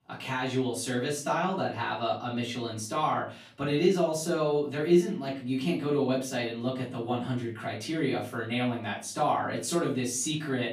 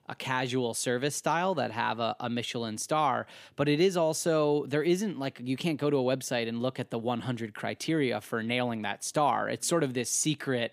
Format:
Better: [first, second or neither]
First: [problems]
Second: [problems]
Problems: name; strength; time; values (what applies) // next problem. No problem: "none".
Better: second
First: off-mic speech; far // room echo; slight; dies away in 0.3 s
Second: none